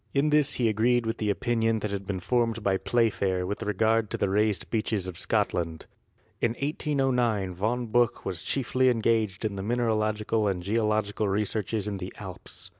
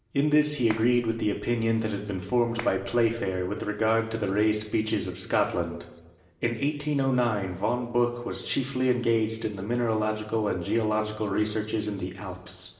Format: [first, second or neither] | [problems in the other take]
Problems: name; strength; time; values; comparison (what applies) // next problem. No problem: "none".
first | background sound (Clapping); 17 dB below the speech // room echo; dies away in 1 s